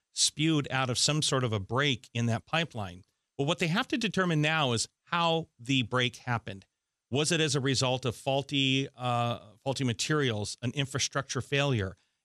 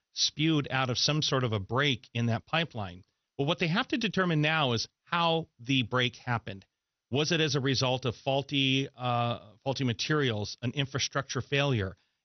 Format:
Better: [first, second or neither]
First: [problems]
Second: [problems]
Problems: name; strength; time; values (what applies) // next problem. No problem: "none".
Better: first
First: none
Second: garbled, watery; slightly; nothing above 6 kHz